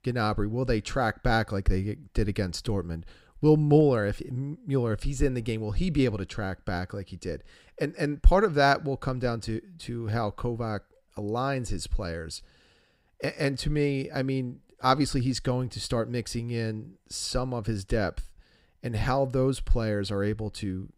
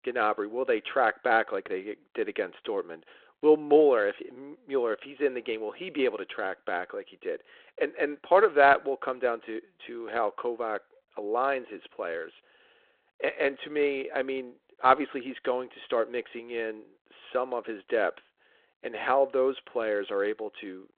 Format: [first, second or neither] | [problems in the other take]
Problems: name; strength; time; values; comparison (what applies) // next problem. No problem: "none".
first | phone-call audio; nothing above 3.5 kHz